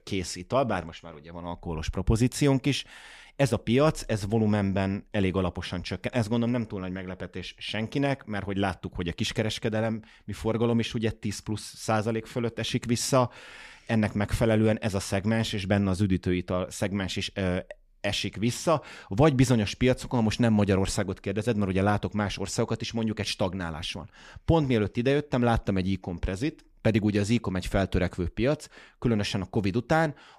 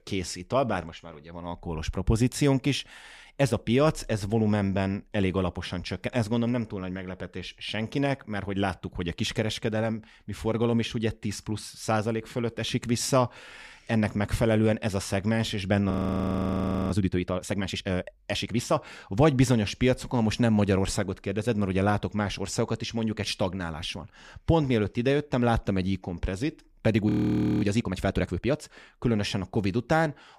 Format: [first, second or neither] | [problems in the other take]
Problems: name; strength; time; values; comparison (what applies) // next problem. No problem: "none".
first | audio freezing; at 16 s for 1 s and at 27 s for 0.5 s